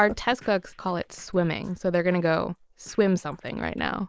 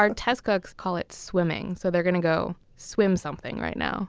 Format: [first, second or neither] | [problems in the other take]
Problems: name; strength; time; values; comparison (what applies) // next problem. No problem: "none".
second | noise reduction (neural mask model Resemble Enhance denoiser)